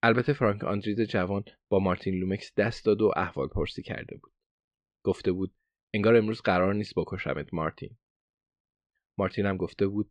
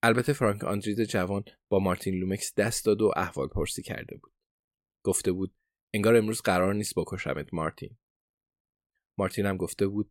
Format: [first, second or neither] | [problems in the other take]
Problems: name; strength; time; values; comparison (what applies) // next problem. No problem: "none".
second | muffled; slightly; fading above 4 kHz